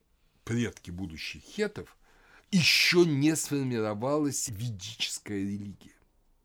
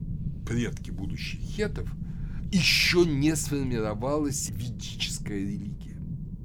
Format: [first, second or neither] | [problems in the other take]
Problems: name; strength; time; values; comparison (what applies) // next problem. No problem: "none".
first | low rumble; noticeable; throughout; 20 dB below the speech